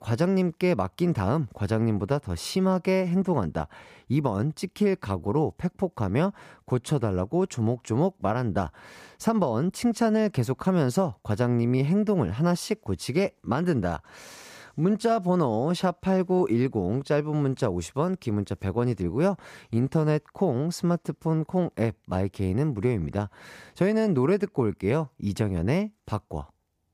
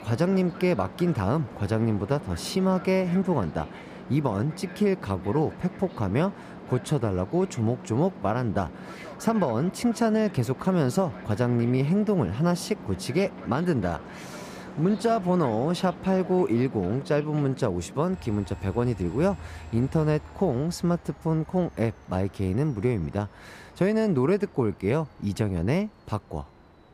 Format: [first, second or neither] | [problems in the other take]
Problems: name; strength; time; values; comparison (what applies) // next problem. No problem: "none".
first | train or aircraft noise; noticeable; throughout; 15 dB below the speech